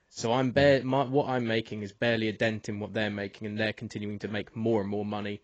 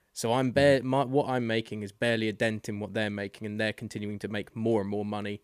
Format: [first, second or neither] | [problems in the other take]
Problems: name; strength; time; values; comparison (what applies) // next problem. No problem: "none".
second | garbled, watery; badly; nothing above 7.5 kHz